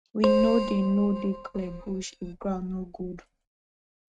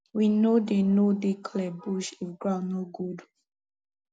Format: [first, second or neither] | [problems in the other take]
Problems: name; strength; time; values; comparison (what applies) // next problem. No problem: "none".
second | noise reduction (neural mask model RNNoise)